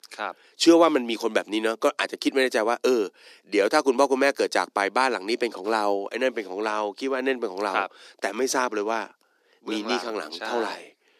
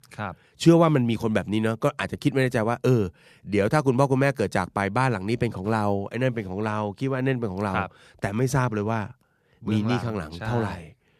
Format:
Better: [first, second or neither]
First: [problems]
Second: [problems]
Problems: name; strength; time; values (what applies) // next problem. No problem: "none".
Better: second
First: thin; somewhat; fading below 300 Hz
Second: none